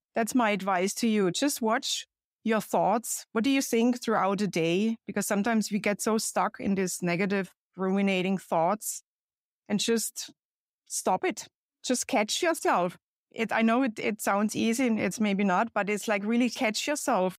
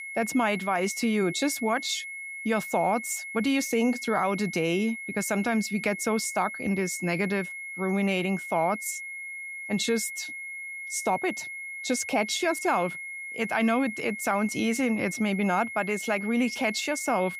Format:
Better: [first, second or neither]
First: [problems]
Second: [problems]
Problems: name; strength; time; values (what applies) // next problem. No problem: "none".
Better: first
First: none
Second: high-pitched whine; loud; throughout; 2 kHz, 8 dB below the speech